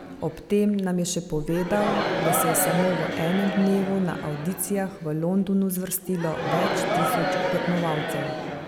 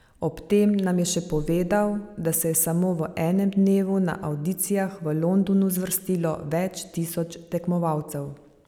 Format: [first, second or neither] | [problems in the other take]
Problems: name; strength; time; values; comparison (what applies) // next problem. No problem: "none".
second | background sound (Crowd); 3 dB below the speech